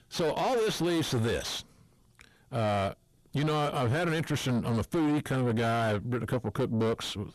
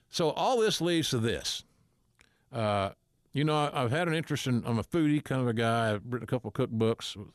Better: second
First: distortion; heavy; 7 dB below the speech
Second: none

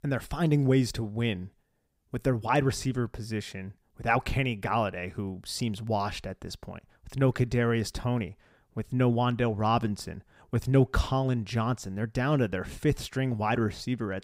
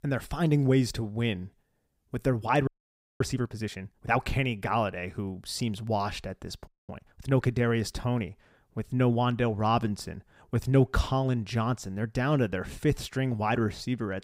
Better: first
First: none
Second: audio freezing; at 2.5 s for 0.5 s and at 6.5 s

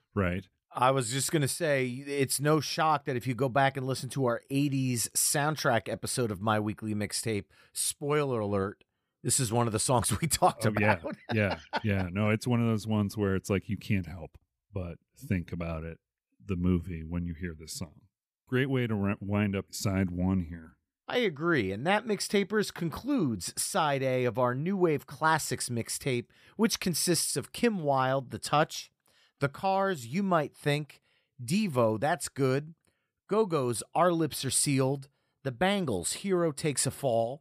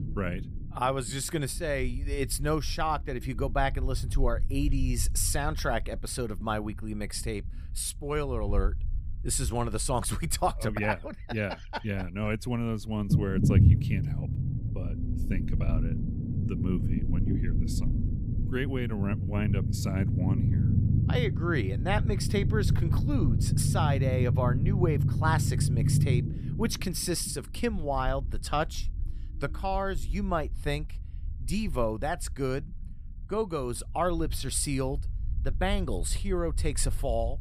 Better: first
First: none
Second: low rumble; loud; throughout; 8 dB below the speech

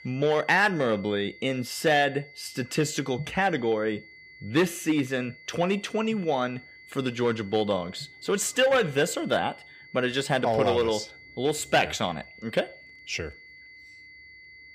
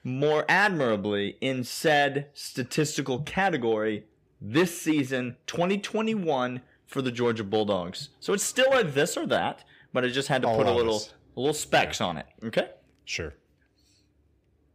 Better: second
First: high-pitched whine; faint; throughout; 2 kHz, 20 dB below the speech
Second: none

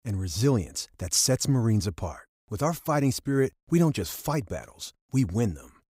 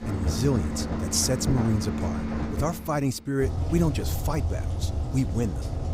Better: first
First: none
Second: rain or running water; loud; throughout; 2 dB below the speech

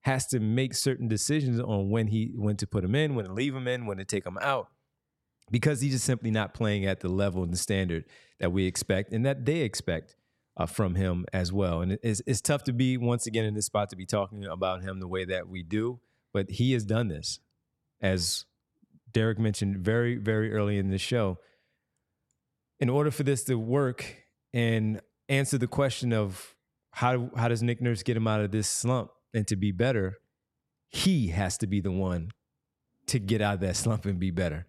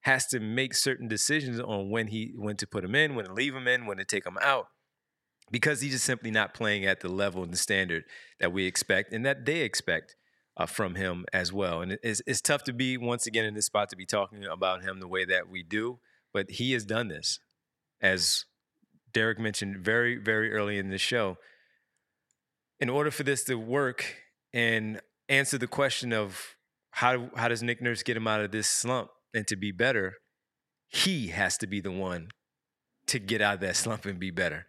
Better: first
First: none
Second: thin; somewhat; fading below 400 Hz

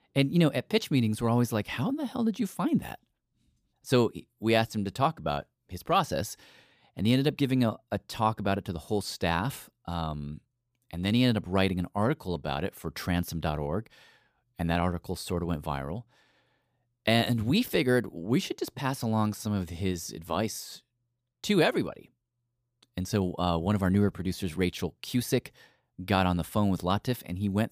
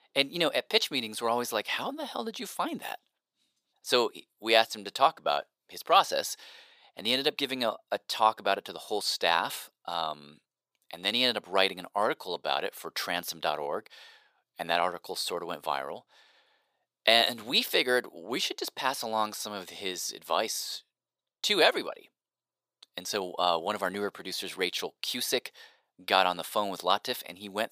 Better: first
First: none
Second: thin; very; fading below 600 Hz

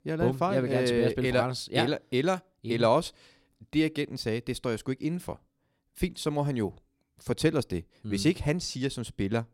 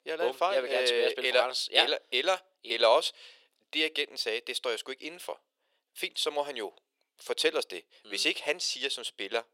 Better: first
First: none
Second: thin; very; fading below 500 Hz

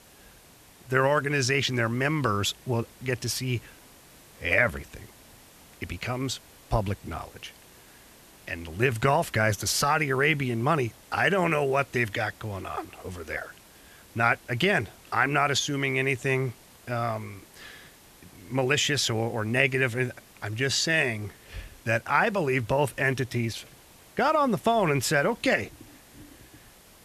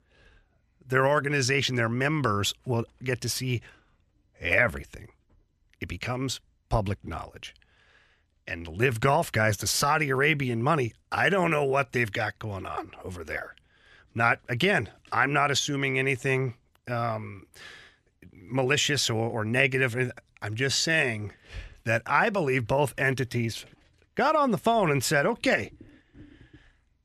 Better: second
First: hiss; faint; throughout; 25 dB below the speech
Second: none

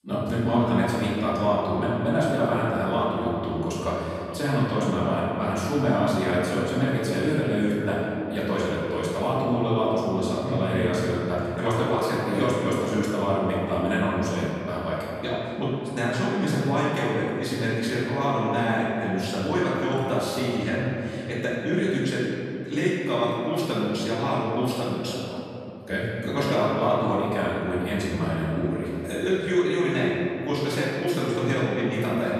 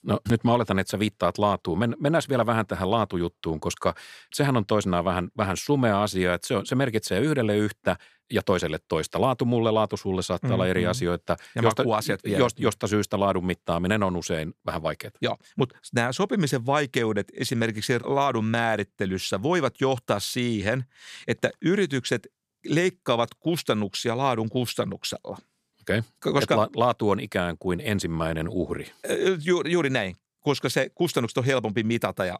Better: second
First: room echo; strong; dies away in 2.6 s // off-mic speech; far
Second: none

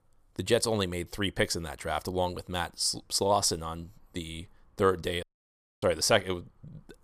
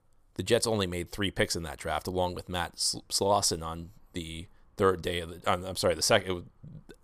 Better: second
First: audio cutting out; at 5 s for 0.5 s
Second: none

